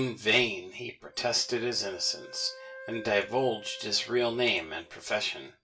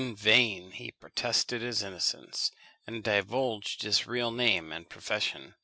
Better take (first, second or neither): second